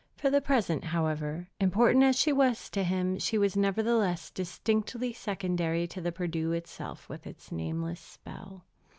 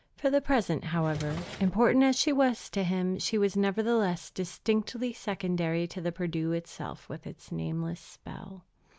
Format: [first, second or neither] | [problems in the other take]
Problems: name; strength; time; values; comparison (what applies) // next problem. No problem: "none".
first | background sound (Drawer open or close); 13 dB below the speech